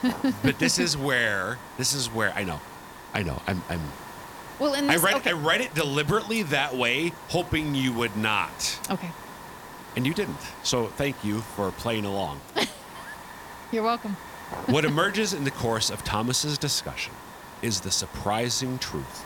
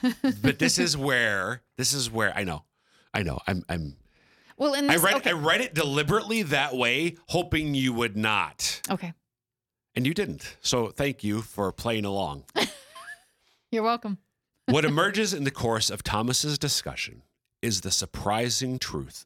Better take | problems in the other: second | hiss; noticeable; throughout; 15 dB below the speech

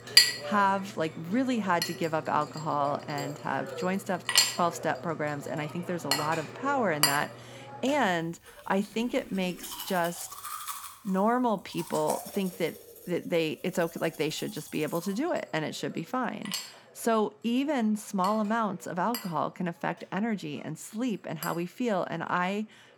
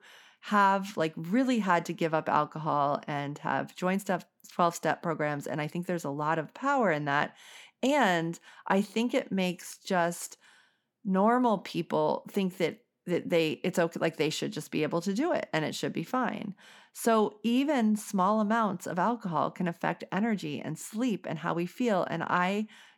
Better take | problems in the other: second | household noises; loud; throughout; 1 dB below the speech

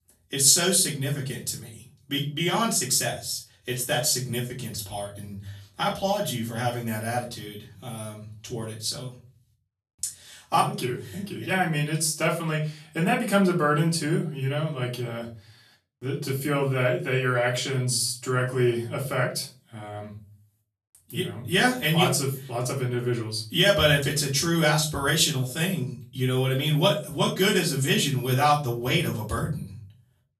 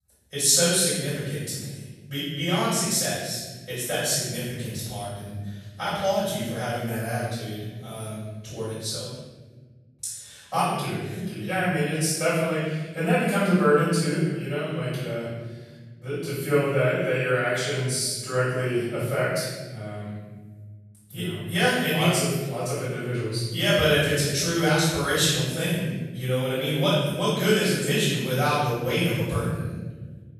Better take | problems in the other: first | room echo; strong; dies away in 1.4 s; slight in the first // off-mic speech; far; far in the first

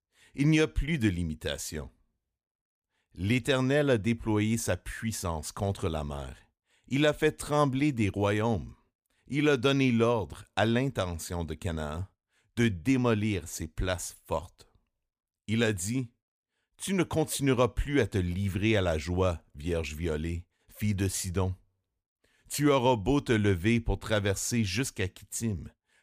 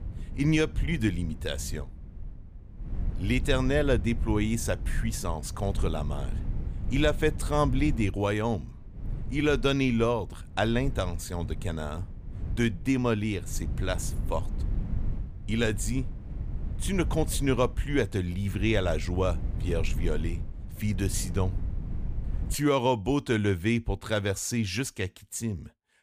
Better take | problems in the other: first | wind noise on the microphone; occasional gusts; until 23 s; 20 dB below the speech

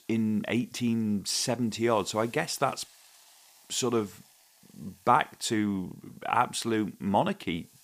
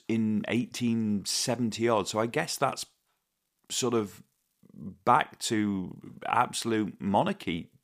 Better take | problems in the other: second | hiss; faint; throughout; 30 dB below the speech

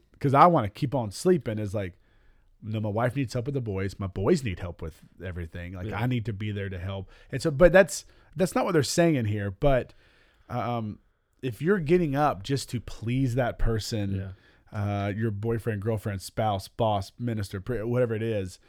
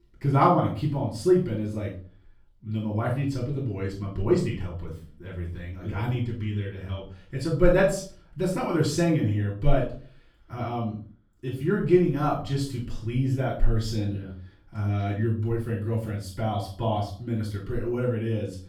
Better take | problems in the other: first | off-mic speech; far // room echo; noticeable; dies away in 0.4 s

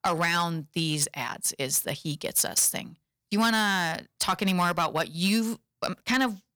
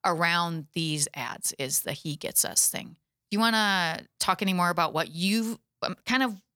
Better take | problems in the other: second | distortion; slight; 3% of the sound clipped

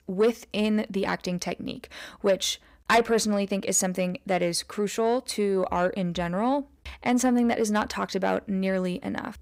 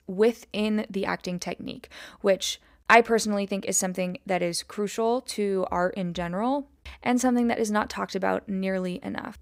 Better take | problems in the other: second | distortion; slight; 10 dB below the speech

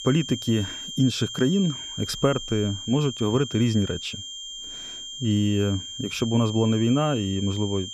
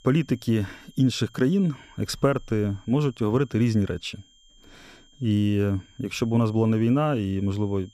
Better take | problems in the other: second | high-pitched whine; loud; throughout; 3 kHz, 9 dB below the speech; faint in the second

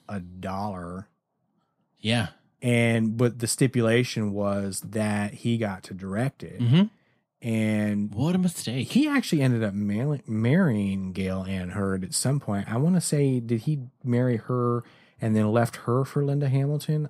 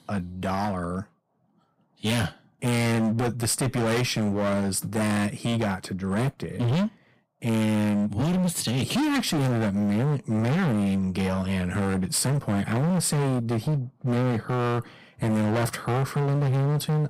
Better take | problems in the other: first | distortion; heavy; 31% of the sound clipped

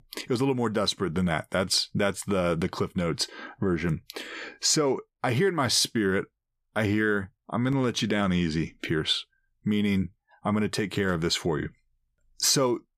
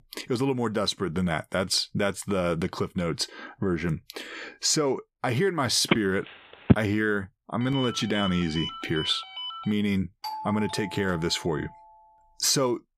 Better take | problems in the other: first | phone ringing; loud; at 6 s; peak 3 dB above the speech // phone ringing; noticeable; from 7.5 to 9.5 s; peak 7 dB below the speech // doorbell; noticeable; from 10 to 12 s; peak 8 dB below the speech

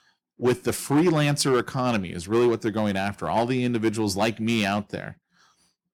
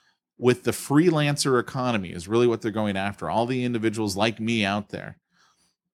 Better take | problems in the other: second | distortion; slight; 4% of the sound clipped

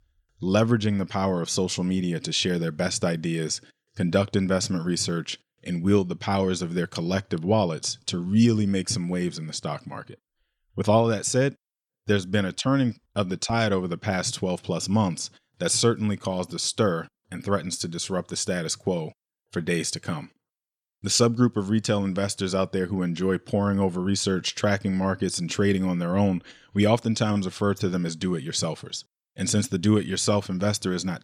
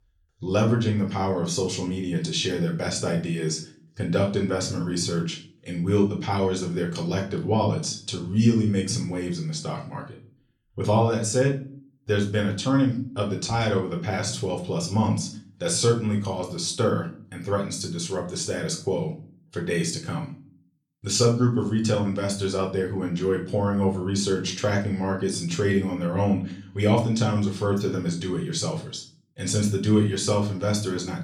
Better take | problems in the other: first | room echo; slight; dies away in 0.4 s // off-mic speech; somewhat distant

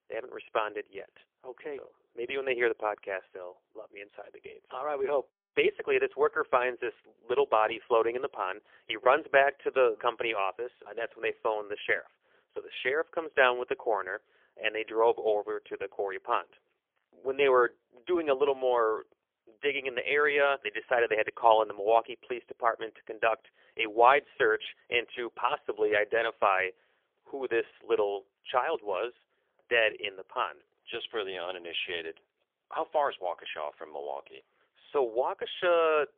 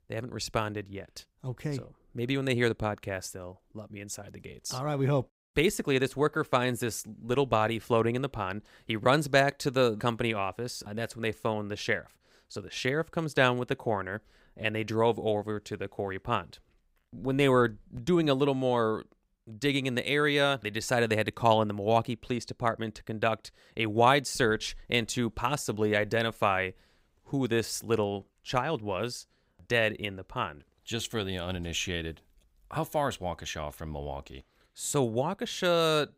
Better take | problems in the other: second | phone-call audio; poor line; nothing above 3.5 kHz

